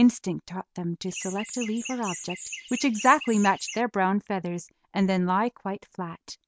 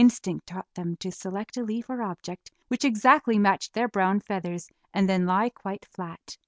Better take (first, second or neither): second